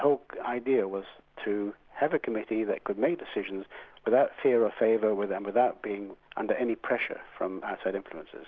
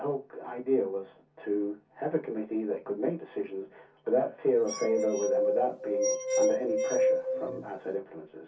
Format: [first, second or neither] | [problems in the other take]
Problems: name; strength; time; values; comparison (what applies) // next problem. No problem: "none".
first | background sound (Glass); 3 dB above the speech // room echo; dies away in 0.3 s